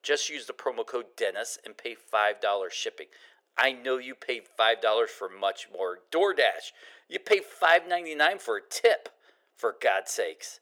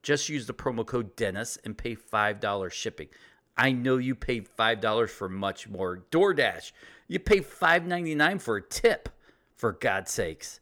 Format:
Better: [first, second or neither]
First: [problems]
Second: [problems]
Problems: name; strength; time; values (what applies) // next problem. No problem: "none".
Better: second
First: thin; very; fading below 400 Hz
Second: none